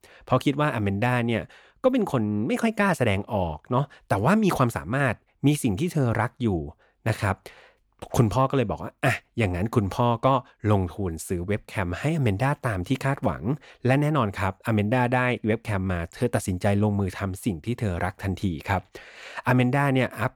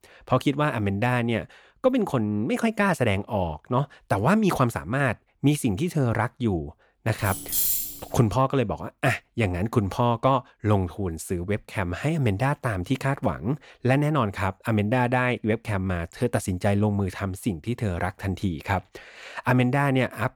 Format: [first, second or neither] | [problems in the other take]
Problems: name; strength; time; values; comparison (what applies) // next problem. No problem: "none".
first | jangling keys; loud; at 7 s; peak 4 dB above the speech